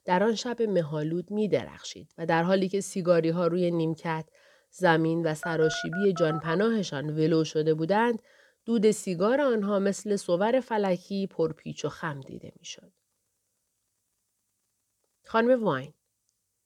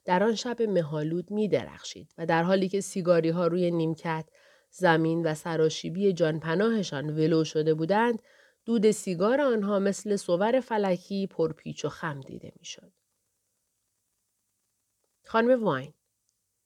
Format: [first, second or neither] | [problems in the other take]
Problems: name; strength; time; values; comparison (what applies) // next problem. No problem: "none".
second | phone ringing; noticeable; from 5.5 to 6.5 s; peak 8 dB below the speech